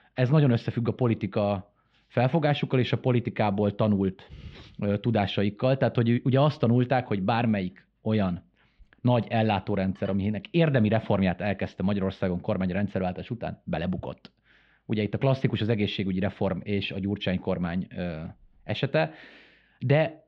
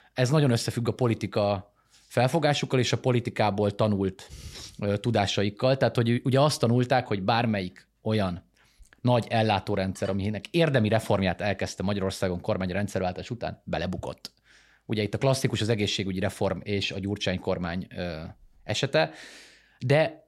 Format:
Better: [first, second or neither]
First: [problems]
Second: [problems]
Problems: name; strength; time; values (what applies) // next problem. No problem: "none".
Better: second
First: muffled; slightly; fading above 3 kHz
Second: none